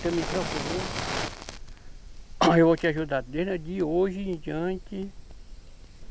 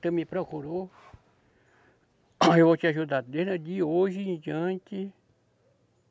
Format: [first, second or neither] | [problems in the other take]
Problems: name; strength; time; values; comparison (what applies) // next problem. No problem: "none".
second | background sound (Fire); 9 dB below the speech